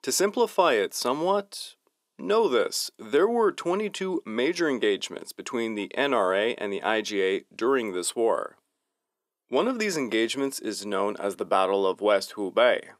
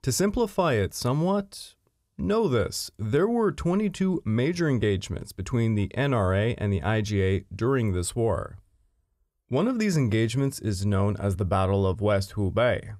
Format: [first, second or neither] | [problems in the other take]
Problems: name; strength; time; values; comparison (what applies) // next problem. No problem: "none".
second | thin; somewhat; fading below 300 Hz